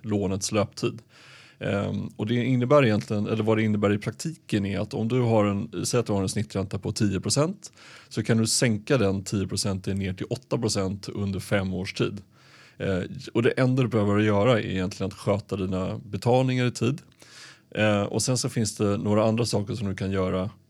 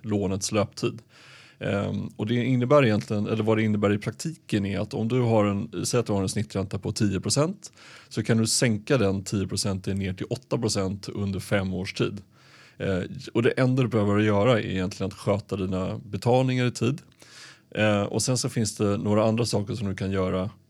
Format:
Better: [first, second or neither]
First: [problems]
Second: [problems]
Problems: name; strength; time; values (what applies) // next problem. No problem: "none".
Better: neither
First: none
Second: none